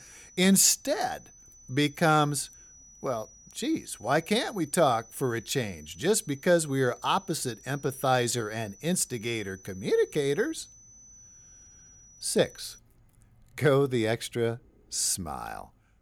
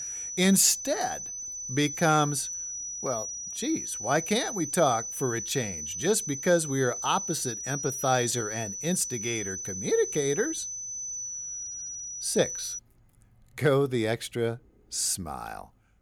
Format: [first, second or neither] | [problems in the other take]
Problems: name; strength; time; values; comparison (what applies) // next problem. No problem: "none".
first | high-pitched whine; loud; until 13 s; 6 kHz, 5 dB below the speech; faint in the first